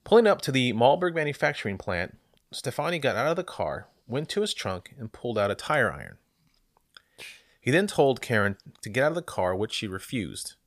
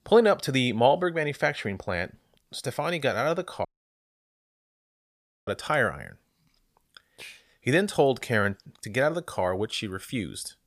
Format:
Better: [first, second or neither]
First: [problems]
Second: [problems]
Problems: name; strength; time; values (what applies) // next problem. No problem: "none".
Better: first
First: none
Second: audio cutting out; at 3.5 s for 2 s